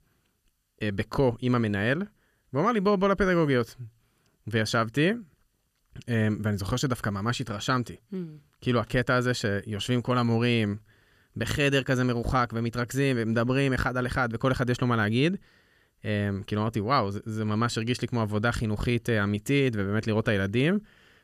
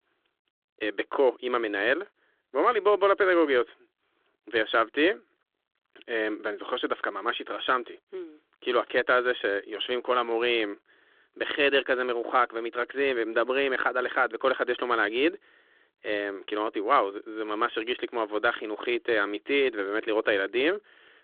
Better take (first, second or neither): first